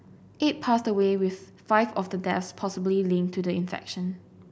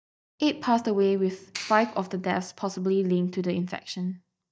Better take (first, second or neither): first